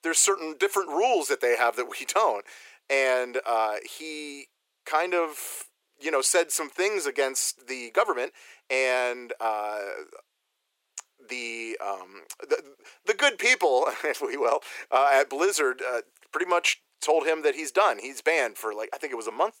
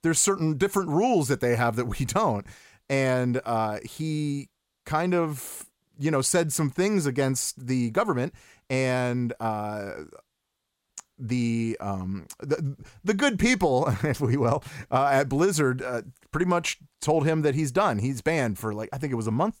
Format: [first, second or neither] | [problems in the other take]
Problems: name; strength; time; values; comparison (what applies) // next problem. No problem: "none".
second | thin; very; fading below 400 Hz